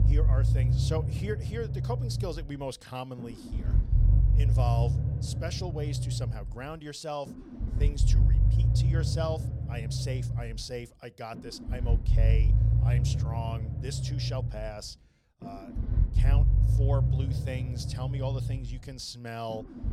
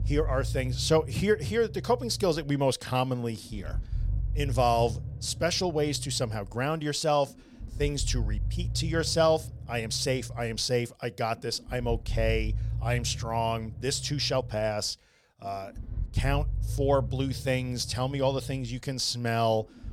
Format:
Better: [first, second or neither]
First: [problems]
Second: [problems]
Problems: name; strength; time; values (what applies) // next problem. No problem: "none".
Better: second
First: low rumble; loud; throughout; 4 dB below the speech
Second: low rumble; faint; throughout; 20 dB below the speech